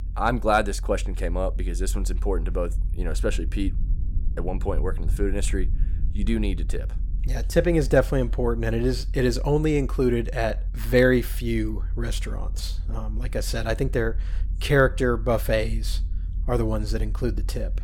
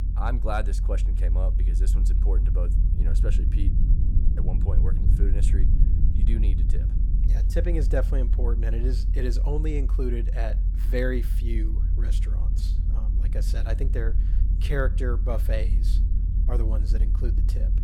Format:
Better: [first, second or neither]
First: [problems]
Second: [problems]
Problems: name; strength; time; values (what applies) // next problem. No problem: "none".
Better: first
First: low rumble; faint; throughout; 25 dB below the speech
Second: low rumble; loud; throughout; 8 dB below the speech